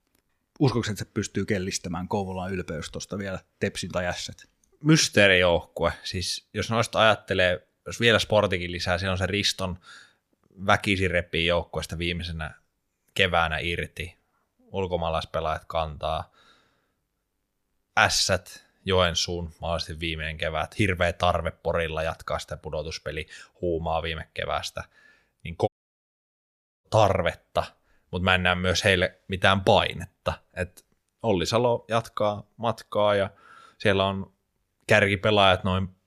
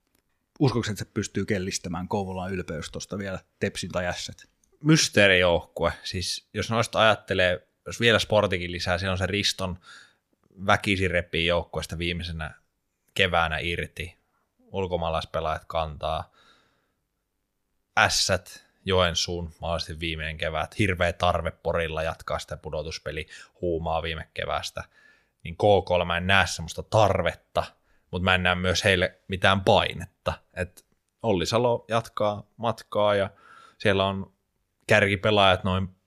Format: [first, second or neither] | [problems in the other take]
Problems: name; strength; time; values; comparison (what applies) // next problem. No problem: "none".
second | audio cutting out; at 26 s for 1 s